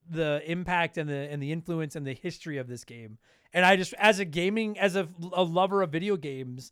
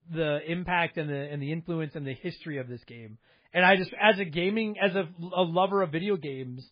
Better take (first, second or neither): first